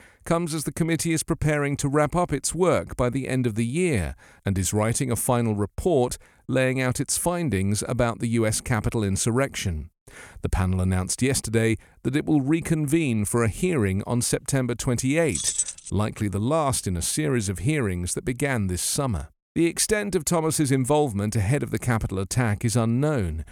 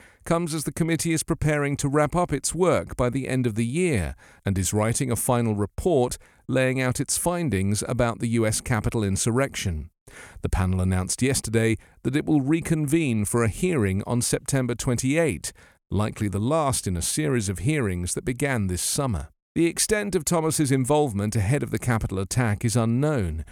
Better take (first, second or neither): second